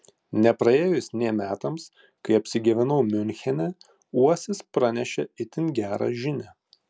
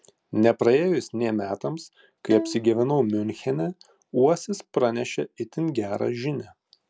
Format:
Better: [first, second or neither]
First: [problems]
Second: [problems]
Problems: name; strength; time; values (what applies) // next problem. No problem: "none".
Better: first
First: none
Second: background sound (Bowed string instrument); 11 dB below the speech